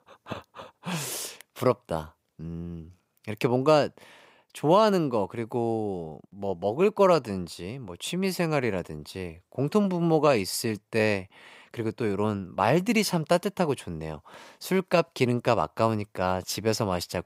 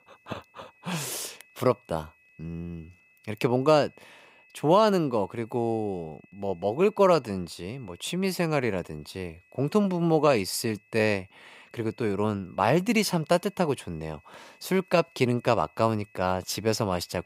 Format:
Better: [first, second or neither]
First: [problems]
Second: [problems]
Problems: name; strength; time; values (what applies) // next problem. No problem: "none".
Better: first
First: none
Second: high-pitched whine; faint; throughout; 2.5 kHz, 30 dB below the speech